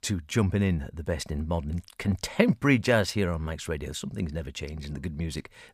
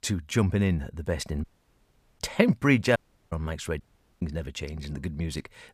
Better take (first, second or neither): first